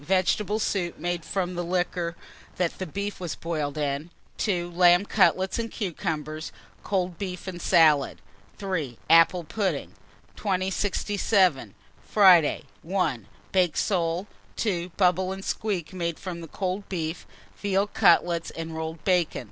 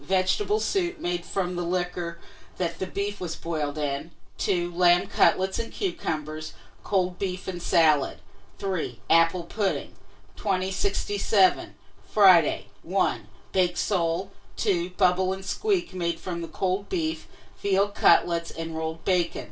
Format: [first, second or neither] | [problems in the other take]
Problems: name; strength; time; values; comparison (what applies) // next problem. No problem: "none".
first | room echo; dies away in 0.2 s